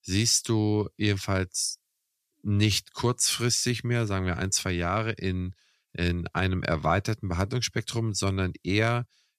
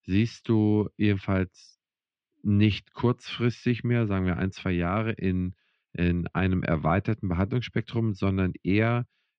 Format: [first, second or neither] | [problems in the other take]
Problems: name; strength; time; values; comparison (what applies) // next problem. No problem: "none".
first | muffled; very; fading above 3 kHz